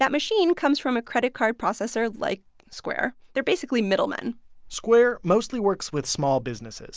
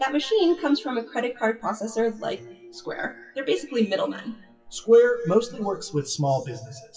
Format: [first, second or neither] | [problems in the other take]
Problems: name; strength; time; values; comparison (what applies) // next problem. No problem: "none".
first | noise reduction (classical method WPE with log-MMSE)